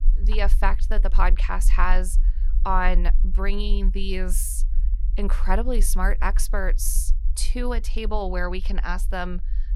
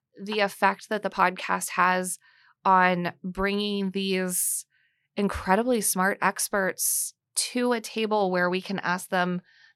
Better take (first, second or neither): second